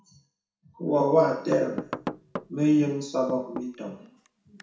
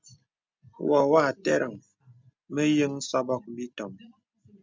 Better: second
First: background sound (Knock / Wood); 12 dB below the speech // room echo; dies away in 0.6 s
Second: none

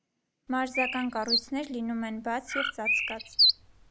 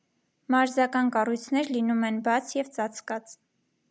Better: second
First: background sound (Bird); 3 dB above the speech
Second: none

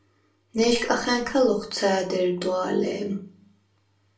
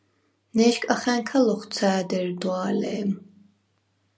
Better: second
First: background sound (Squeak); 16 dB below the speech // room echo; dies away in 0.3 s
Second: none

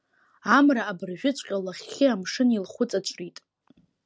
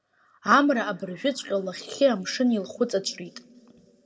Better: first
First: none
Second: room echo; dies away in 1.2 s

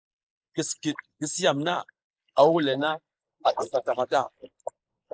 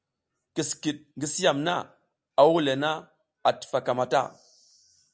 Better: second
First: noise reduction (neural mask model Resemble Enhance denoiser)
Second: none

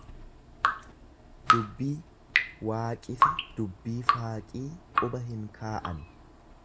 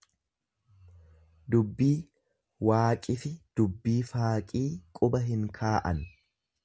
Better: second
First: background sound (Drip); 5 dB above the speech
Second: none

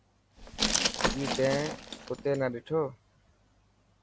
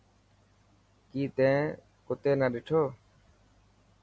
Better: second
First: background sound (Glass); as loud as the speech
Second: none

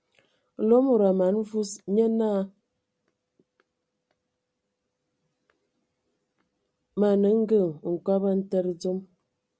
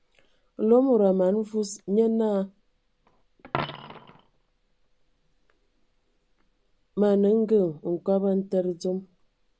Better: first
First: none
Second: background sound (Coin (dropping)); 18 dB below the speech

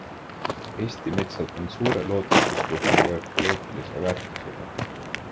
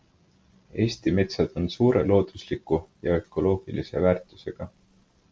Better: second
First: background sound (Walk, footsteps); 4 dB above the speech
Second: none

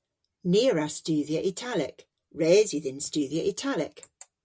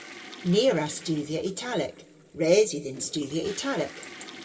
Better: first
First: none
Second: background sound (Toilet flush / Water); 18 dB below the speech // room echo; dies away in 1.3 s

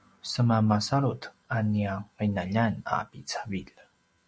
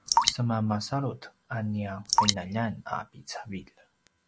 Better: first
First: none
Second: background sound (Drip); 1 dB above the speech

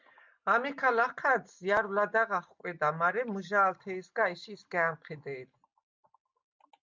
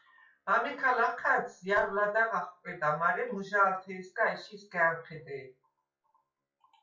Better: first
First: none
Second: noise reduction (classical method WPE with log-MMSE)

